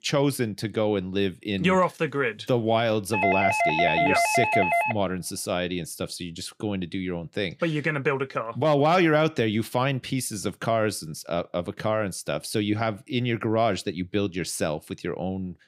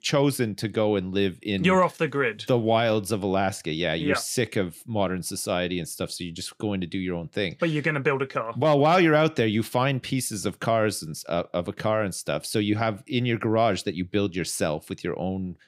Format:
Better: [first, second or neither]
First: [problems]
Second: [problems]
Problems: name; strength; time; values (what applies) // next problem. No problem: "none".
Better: second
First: doorbell; loud; from 3 to 5 s; peak 4 dB above the speech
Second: none